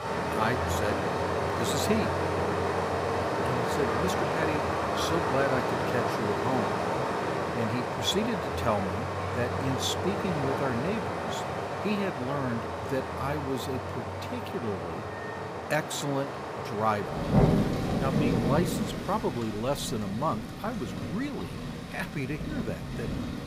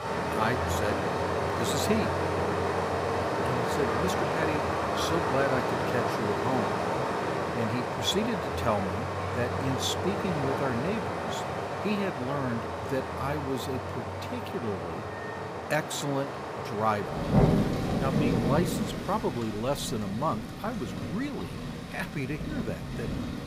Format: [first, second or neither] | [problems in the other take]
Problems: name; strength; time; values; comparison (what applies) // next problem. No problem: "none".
neither | rain or running water; very loud; throughout; 2 dB above the speech; the same in both